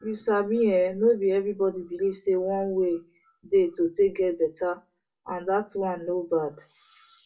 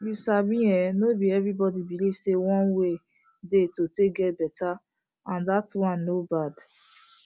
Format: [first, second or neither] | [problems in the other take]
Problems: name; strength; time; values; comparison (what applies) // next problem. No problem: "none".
second | room echo; dies away in 0.2 s